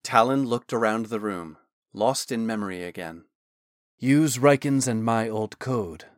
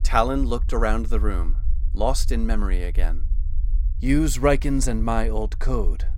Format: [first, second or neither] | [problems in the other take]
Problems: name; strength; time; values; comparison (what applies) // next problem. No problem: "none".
first | low rumble; faint; throughout; 25 dB below the speech